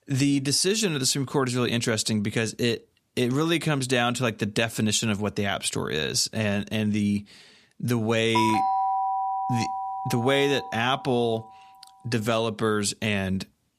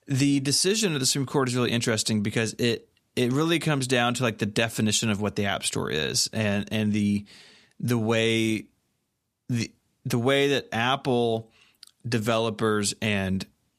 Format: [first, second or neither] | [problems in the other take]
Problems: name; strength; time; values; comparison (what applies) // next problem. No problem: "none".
second | doorbell; loud; from 8.5 to 11 s; peak 1 dB above the speech